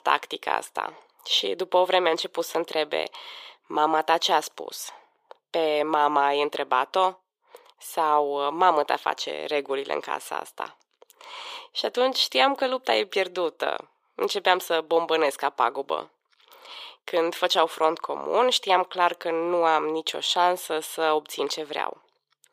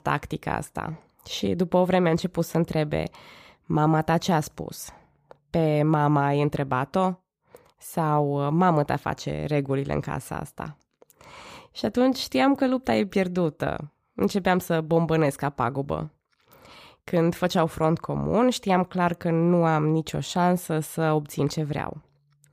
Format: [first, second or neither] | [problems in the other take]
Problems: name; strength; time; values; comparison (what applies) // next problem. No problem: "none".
second | thin; very; fading below 400 Hz